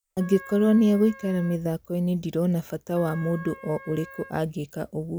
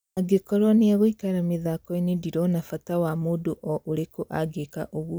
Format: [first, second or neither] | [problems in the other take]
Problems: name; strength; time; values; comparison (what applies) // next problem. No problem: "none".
second | background sound (Wind instrument, woodwind instrument); 20 dB below the speech